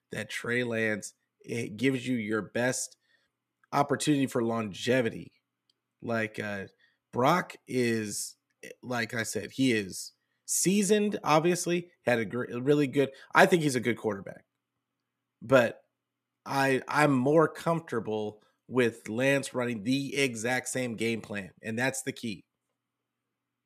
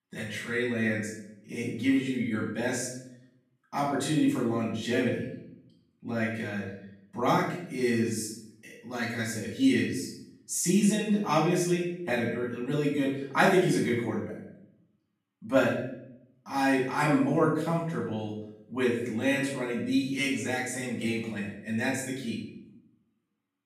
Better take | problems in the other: first | off-mic speech; far // room echo; noticeable; dies away in 0.6 s

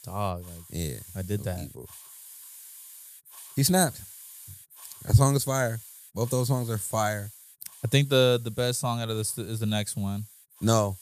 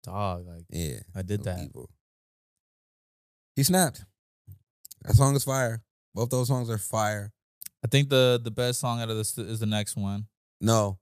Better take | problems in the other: second | hiss; noticeable; throughout; 20 dB below the speech

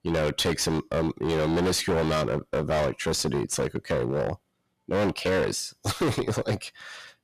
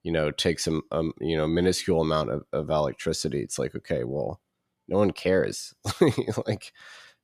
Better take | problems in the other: second | distortion; heavy; 21% of the sound clipped

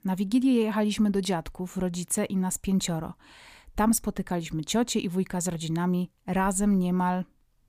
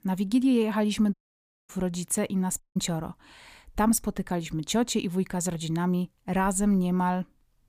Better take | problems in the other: first | audio cutting out; at 1 s for 0.5 s and at 2.5 s

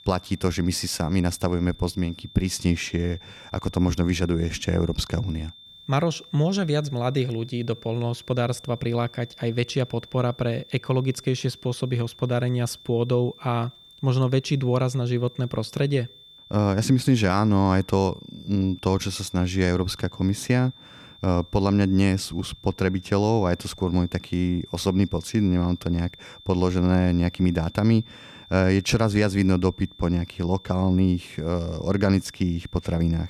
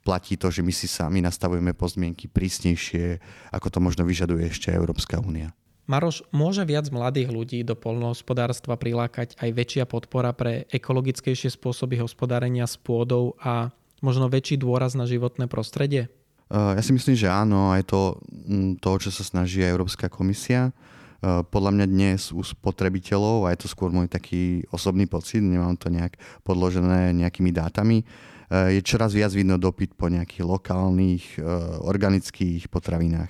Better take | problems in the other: second | high-pitched whine; faint; throughout; 3.5 kHz, 20 dB below the speech

